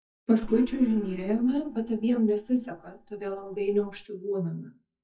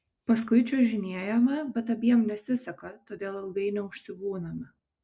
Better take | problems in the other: second | noise reduction (neural mask model DeepFilterNet 3)

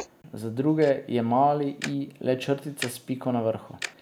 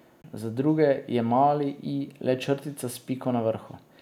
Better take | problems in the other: second | background sound (Tick-tock + Writing); 16 dB below the speech

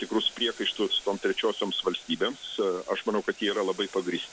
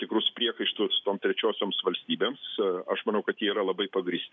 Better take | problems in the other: second | background sound (Boiling); 20 dB below the speech

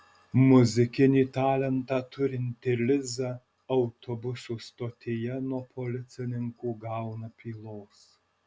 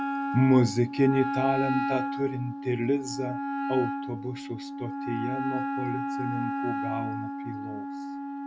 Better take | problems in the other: first | background sound (Wind instrument, woodwind instrument); 3 dB below the speech

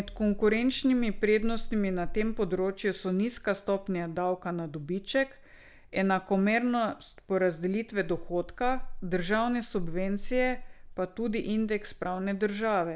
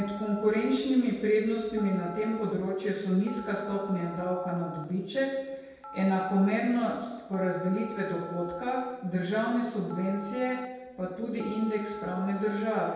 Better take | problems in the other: first | background sound (Telephone); 16 dB below the speech // room echo; dies away in 1.1 s

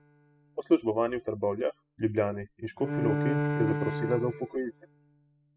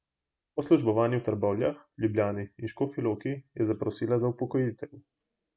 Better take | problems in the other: second | noise reduction (classical method spectral subtraction)

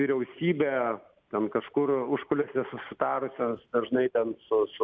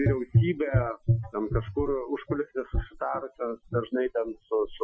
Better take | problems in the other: first | noise reduction (classical method Wiener filter)

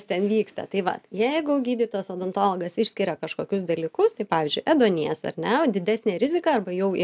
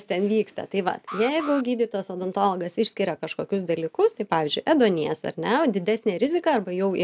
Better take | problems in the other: first | background sound (Alarm); 16 dB below the speech

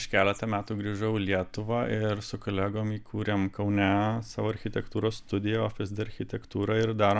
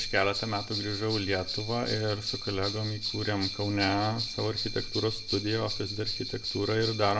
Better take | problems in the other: first | background sound (Bell); 6 dB below the speech // room echo; dies away in 0.8 s

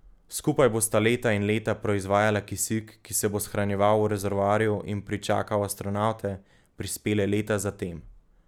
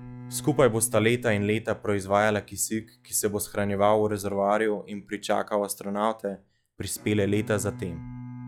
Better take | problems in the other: first | noise reduction (classical method log-MMSE)

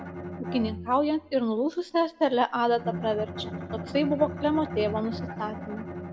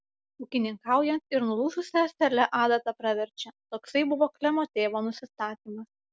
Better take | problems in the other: second | background sound (Bowed string instrument); 9 dB below the speech // room echo; dies away in 0.6 s

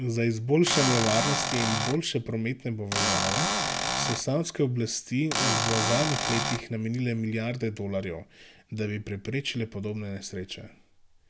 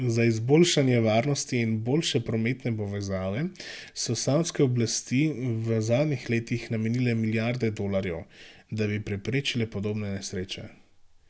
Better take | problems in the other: second | background sound (Cupboard open or close / Door); 2 dB above the speech

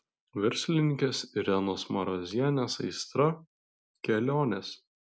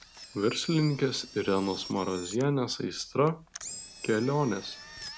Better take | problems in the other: first | background sound (Engine); 15 dB below the speech

